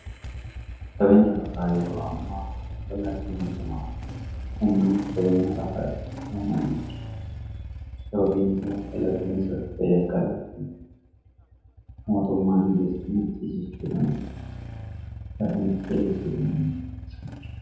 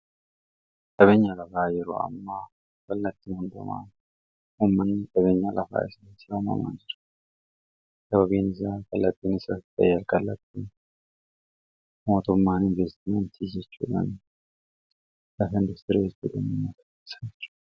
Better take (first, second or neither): second